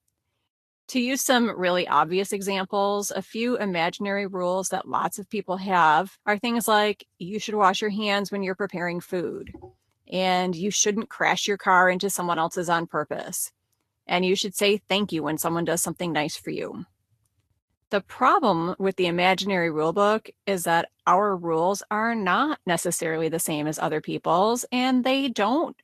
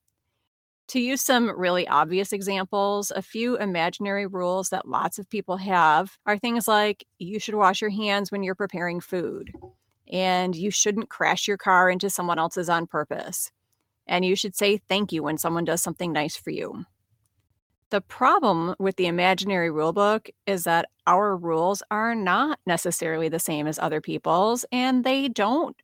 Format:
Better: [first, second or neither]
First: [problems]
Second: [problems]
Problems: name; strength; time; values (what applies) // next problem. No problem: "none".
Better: second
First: garbled, watery; slightly; nothing above 12.5 kHz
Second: none